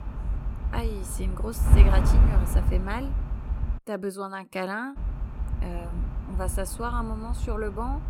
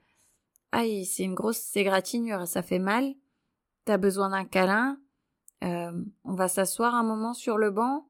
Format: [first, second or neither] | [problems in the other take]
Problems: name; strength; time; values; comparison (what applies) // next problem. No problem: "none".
second | wind noise on the microphone; heavy; until 4 s and from 5 s on; 6 dB below the speech